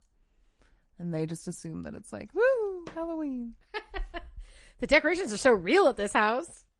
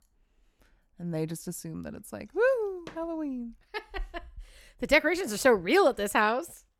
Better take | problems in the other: second | garbled, watery; slightly; nothing above 10 kHz

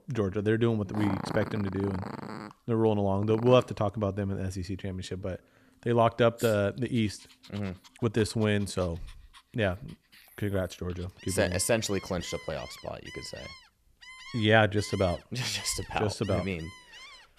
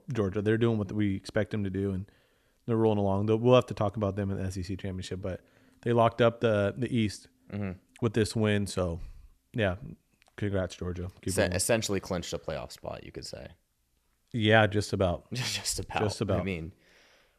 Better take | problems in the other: second | animal sounds; noticeable; throughout; 15 dB below the speech

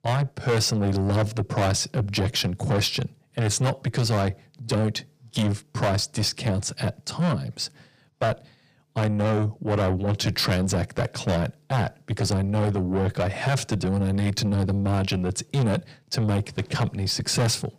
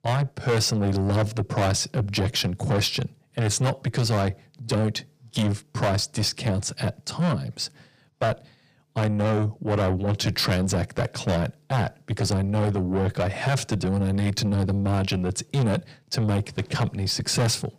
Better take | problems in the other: neither | distortion; heavy; 6 dB below the speech; the same in both

